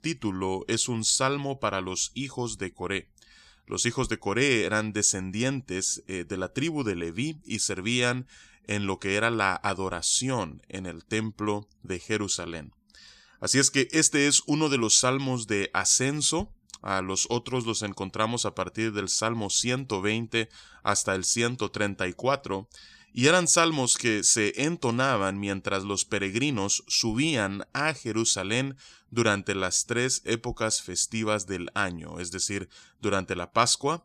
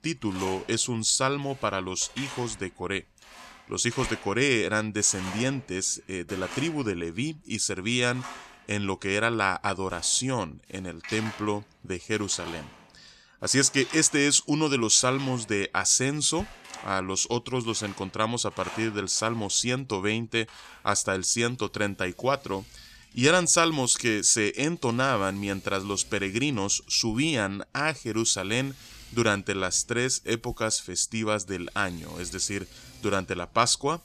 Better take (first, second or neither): first